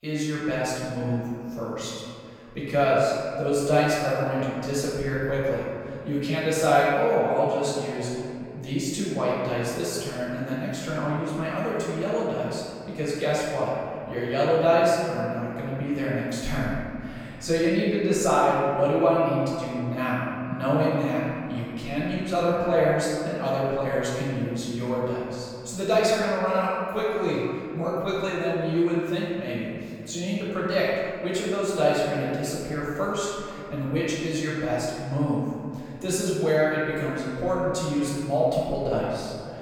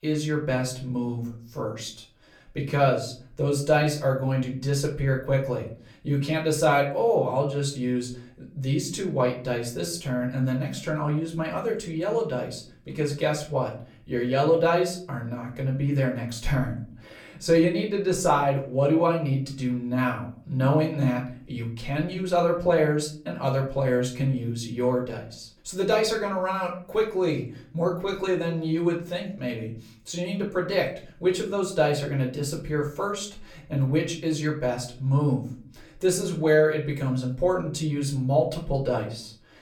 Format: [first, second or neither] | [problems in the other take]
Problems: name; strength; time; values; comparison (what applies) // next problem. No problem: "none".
second | room echo; strong; dies away in 2.4 s; slight in the second // off-mic speech; far; far in the second